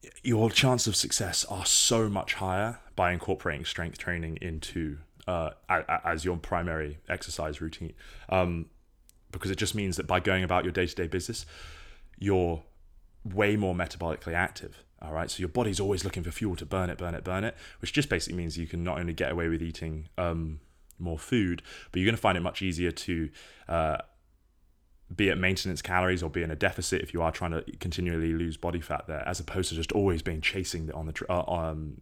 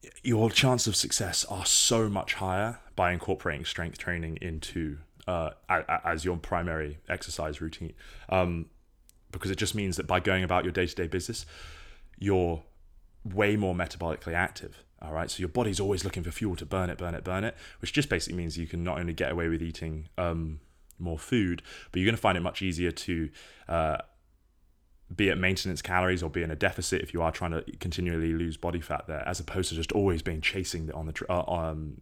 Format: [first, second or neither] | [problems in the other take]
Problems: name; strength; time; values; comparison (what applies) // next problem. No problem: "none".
neither | none